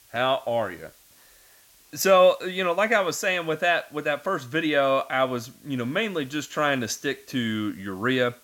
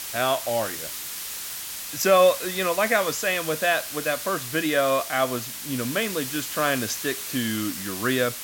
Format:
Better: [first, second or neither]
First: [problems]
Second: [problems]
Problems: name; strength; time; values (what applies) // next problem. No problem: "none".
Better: first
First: hiss; faint; throughout; 30 dB below the speech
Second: hiss; loud; throughout; 7 dB below the speech